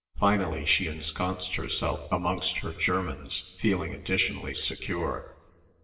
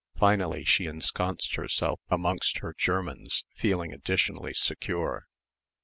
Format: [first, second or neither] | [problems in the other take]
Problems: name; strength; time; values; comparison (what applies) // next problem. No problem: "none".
second | room echo; dies away in 1.4 s